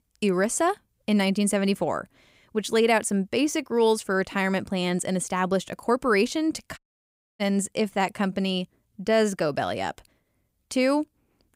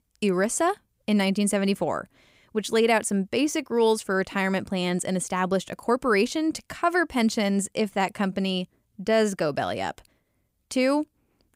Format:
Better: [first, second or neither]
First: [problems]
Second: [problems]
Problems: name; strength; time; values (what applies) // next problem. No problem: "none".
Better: second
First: audio cutting out; at 7 s for 0.5 s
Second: none